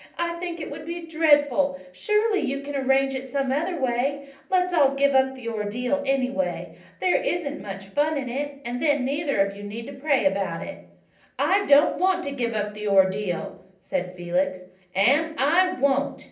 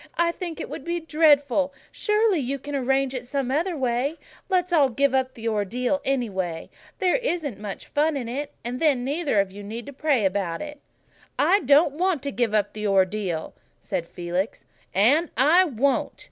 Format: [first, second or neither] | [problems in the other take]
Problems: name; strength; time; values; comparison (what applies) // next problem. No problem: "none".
second | room echo; dies away in 0.6 s